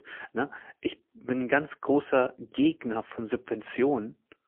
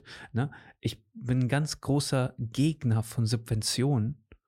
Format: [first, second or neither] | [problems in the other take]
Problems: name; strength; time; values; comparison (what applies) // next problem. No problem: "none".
second | phone-call audio; poor line; nothing above 3 kHz